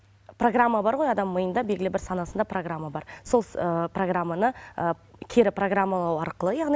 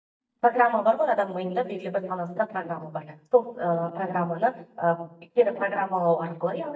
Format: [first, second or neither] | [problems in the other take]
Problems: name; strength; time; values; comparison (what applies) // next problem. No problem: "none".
first | noise reduction (neural mask model DeepFilterNet 3)